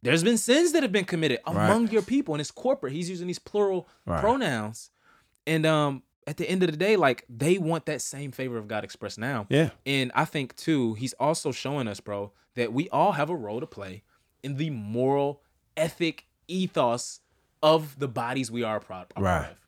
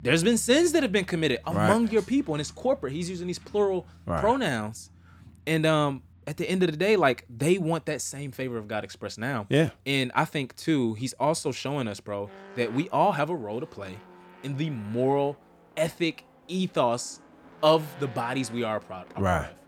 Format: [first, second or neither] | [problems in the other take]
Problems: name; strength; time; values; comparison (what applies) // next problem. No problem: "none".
first | traffic noise; faint; throughout; 25 dB below the speech